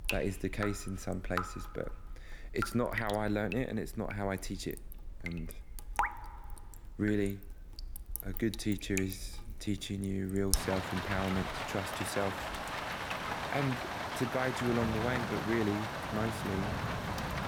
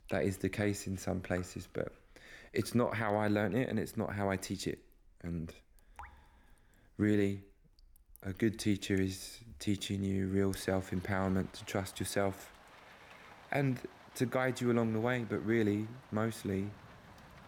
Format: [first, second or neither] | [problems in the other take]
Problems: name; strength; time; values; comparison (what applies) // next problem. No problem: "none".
second | rain or running water; loud; throughout; 3 dB below the speech; faint in the second